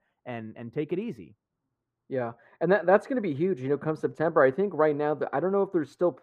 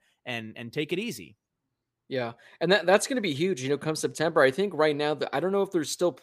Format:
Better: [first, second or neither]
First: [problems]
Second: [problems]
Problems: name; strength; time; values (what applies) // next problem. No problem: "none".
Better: second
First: muffled; very; fading above 2.5 kHz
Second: none